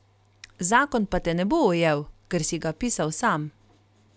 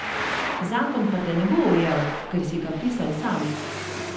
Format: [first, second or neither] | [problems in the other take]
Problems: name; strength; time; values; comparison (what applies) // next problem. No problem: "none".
first | background sound (Traffic noise, roadway noise); 6 dB below the speech // room echo; dies away in 0.8 s